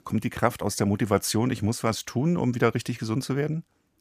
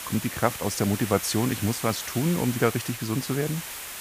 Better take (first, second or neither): first